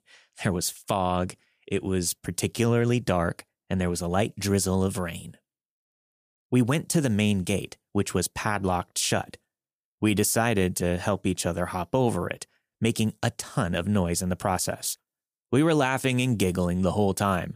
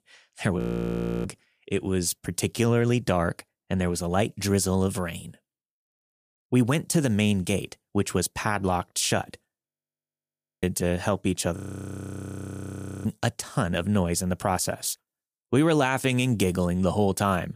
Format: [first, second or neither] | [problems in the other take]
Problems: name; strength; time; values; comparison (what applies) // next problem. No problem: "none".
first | audio freezing; at 0.5 s for 0.5 s, at 9.5 s for 1 s and at 12 s for 1.5 s